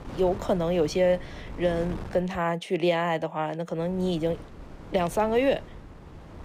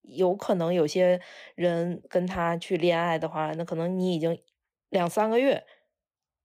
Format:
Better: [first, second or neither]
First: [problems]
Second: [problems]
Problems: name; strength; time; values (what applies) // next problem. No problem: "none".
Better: second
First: wind noise on the microphone; occasional gusts; until 2 s and from 4 s on; 20 dB below the speech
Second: none